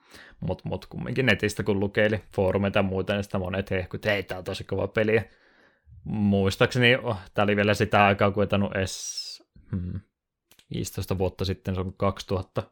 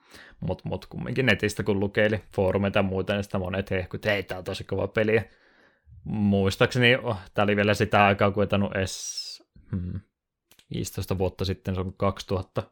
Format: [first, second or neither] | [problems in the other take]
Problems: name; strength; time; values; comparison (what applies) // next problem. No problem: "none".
neither | none